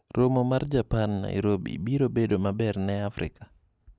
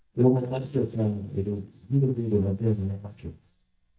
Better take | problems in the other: first | noise reduction (neural mask model DeepFilterNet 3)

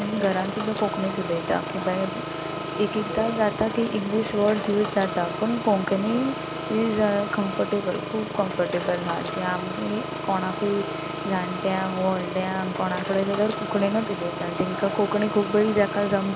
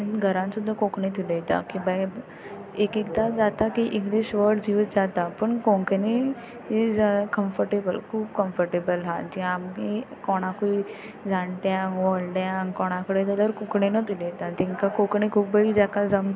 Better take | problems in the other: second | background sound (Engine); 6 dB below the speech

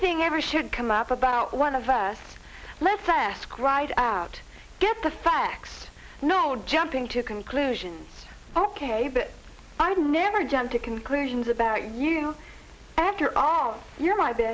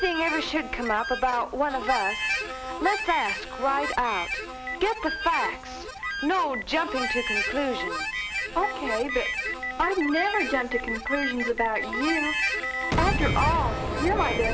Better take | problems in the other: first | background sound (Boom + Harmonica); 2 dB below the speech

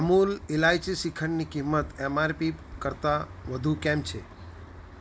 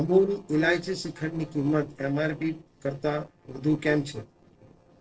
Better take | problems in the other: first | noise reduction (neural separator model SepFormer DNS4)

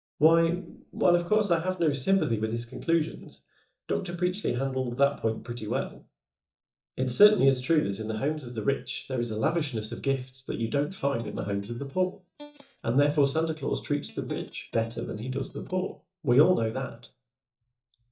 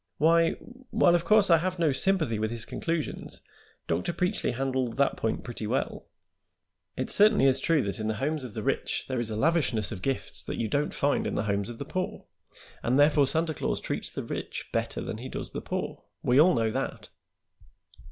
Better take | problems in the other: second | noise reduction (neural mask model DeepFilterNet 3)

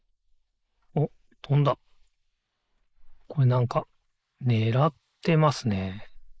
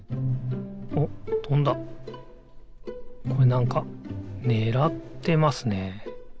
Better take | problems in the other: second | noise reduction (neural mask model Resemble Enhance denoiser)

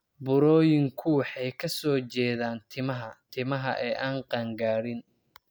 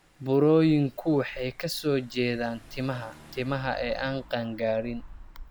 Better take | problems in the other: first | background sound (Engine / Car); 19 dB below the speech

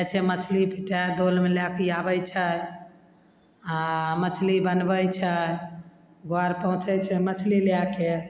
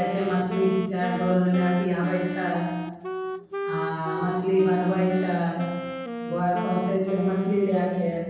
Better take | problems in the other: first | background sound (Wind instrument, woodwind instrument); 8 dB below the speech // room echo; dies away in 1.1 s

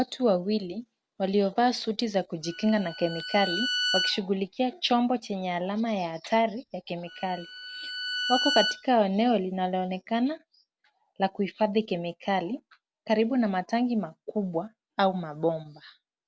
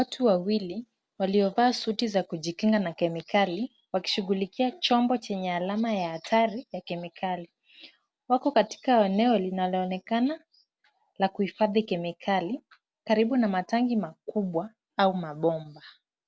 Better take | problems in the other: second | background sound (Bowed string instrument); 5 dB below the speech

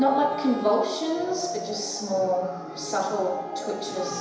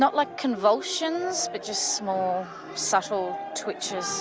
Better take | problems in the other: second | background sound (Wind instrument, woodwind instrument); 15 dB below the speech // room echo; dies away in 1 s

